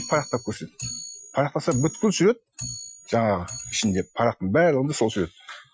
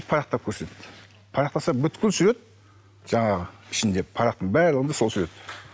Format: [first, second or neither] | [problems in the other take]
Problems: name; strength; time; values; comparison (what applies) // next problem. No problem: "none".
second | noise reduction (classical method Wiener filter)